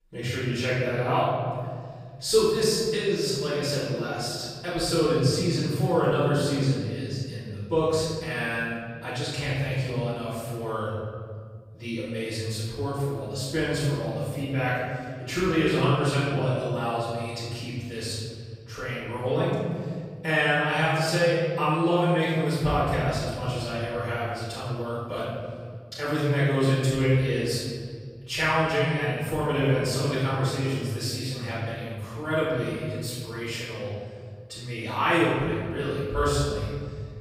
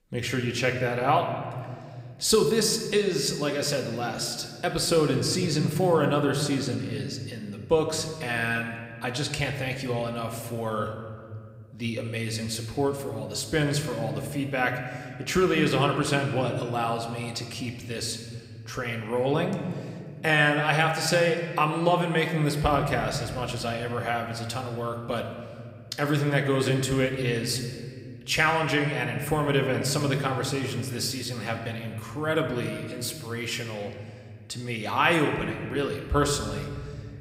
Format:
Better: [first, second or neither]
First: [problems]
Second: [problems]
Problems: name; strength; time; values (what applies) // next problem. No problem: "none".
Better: second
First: room echo; strong; dies away in 2.1 s // off-mic speech; far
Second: room echo; slight; dies away in 1.8 s